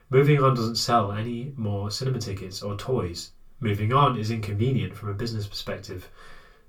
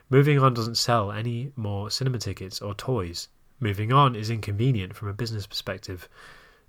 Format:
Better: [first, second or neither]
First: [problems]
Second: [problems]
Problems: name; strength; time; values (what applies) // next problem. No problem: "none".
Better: second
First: off-mic speech; somewhat distant // room echo; very slight; dies away in 0.2 s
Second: none